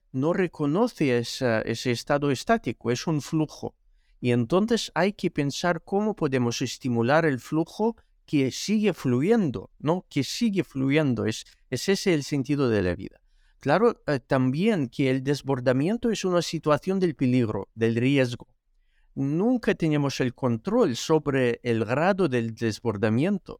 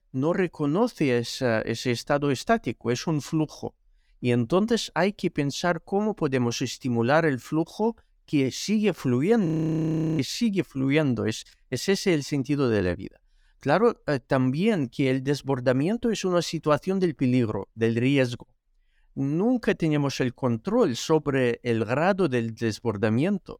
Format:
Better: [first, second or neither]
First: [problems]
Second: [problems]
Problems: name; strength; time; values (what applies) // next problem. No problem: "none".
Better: first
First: none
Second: audio freezing; at 9.5 s for 0.5 s